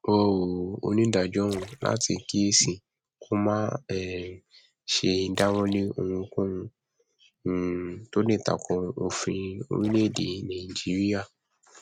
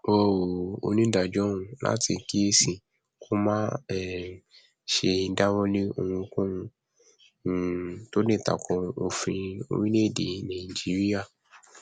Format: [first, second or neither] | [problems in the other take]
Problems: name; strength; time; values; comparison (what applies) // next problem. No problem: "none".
second | noise reduction (neural mask model RNNoise)